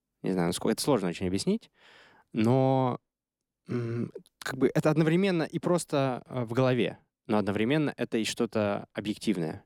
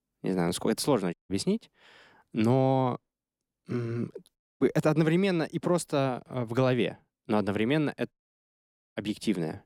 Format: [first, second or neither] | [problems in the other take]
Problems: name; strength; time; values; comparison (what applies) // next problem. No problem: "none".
first | audio cutting out; at 1 s, at 4.5 s and at 8 s for 1 s